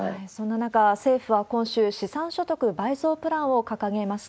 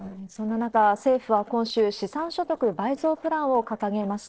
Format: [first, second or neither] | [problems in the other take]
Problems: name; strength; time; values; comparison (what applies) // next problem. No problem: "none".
first | noise reduction (neural separator model SepFormer DNS4)